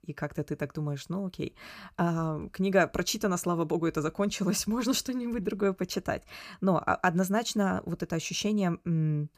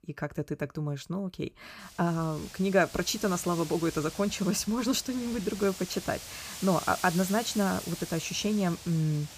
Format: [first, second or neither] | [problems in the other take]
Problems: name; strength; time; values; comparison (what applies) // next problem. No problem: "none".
first | wind noise on the microphone; occasional gusts; from 2 s on; 10 dB below the speech